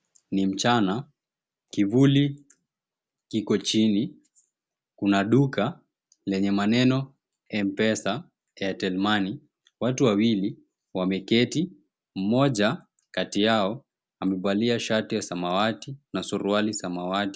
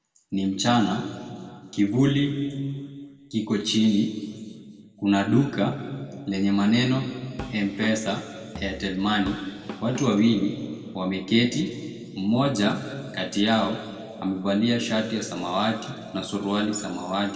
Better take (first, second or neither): first